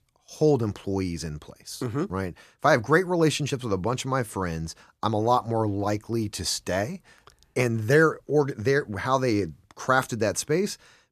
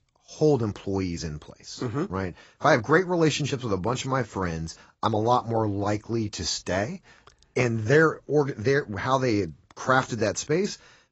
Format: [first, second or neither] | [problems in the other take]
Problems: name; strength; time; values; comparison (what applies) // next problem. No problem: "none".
first | garbled, watery; badly; nothing above 7.5 kHz